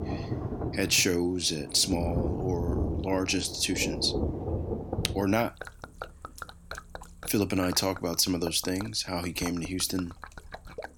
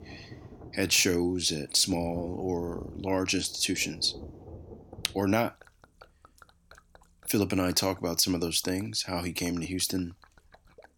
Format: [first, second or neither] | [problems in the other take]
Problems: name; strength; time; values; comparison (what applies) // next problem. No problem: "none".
second | rain or running water; loud; throughout; 9 dB below the speech; faint in the second